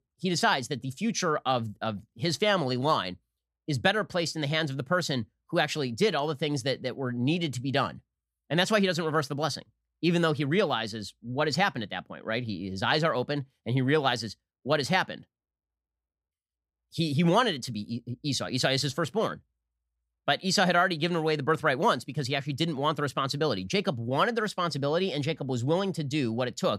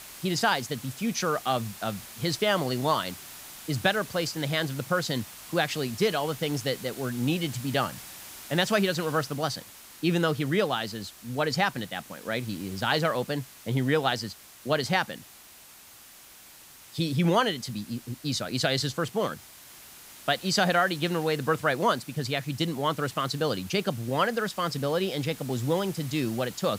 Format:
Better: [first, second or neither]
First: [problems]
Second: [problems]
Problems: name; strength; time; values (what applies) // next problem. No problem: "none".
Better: first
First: none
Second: hiss; noticeable; throughout; 15 dB below the speech